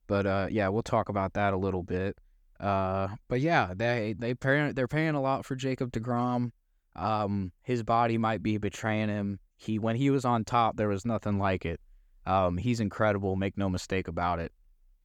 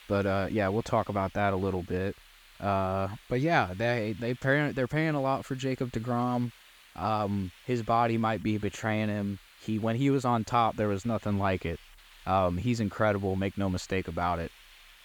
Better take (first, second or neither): first